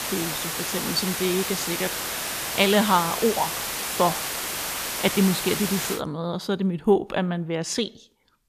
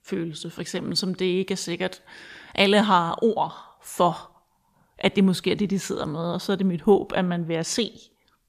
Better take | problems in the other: second | hiss; loud; until 6 s; 2 dB below the speech

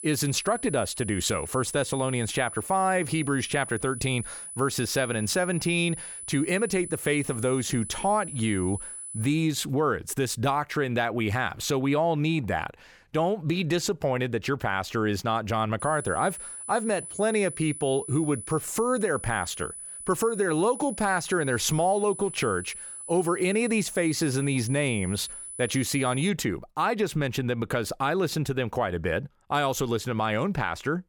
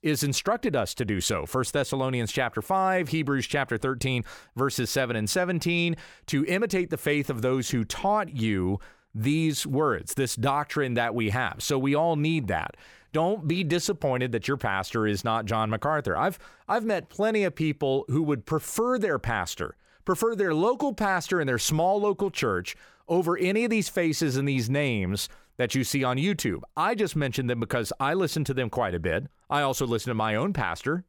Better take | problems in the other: second | high-pitched whine; loud; until 9.5 s and from 16 to 26 s; 10 kHz, 10 dB below the speech

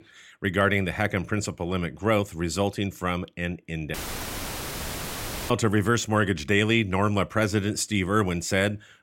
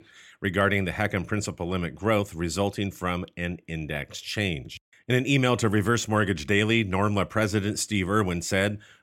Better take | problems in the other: second | audio cutting out; filled with static; at 4 s for 1.5 s

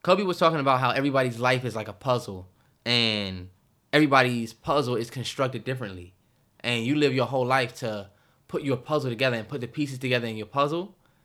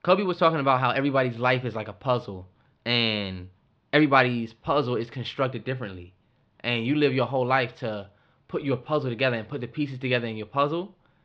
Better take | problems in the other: first | muffled; very slightly; fading above 4 kHz

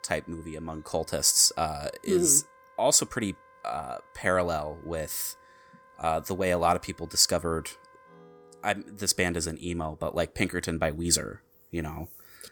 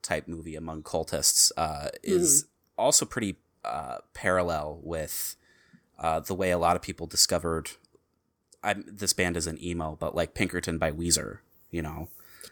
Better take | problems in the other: second | background music; faint; throughout; 30 dB below the speech

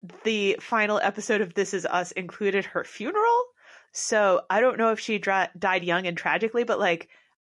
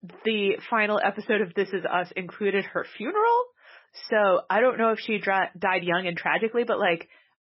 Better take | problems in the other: first | garbled, watery; badly; nothing above 5.5 kHz; slightly in the first

